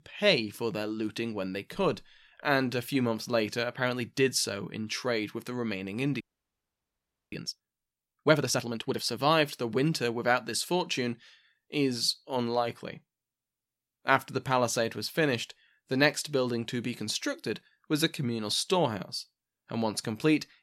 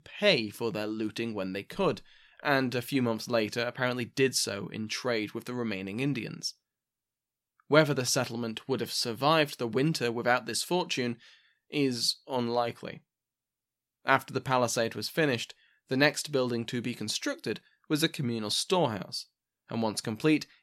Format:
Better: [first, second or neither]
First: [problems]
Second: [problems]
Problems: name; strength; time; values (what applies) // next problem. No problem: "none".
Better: second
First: audio freezing; at 6 s for 1 s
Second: none